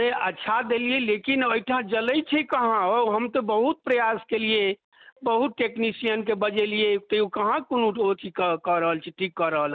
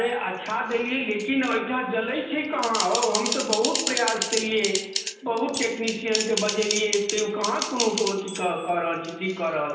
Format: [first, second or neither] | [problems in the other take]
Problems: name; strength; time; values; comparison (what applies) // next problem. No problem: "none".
first | background sound (Typing); 6 dB below the speech // room echo; dies away in 0.9 s